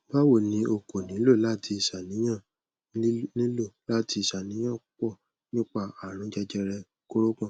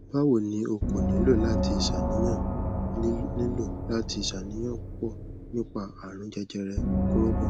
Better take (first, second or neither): first